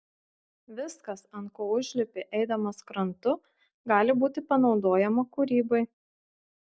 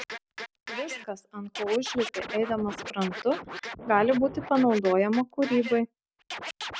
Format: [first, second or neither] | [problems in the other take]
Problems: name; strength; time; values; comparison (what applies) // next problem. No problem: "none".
first | background sound (Scratching (performance technique)); 11 dB below the speech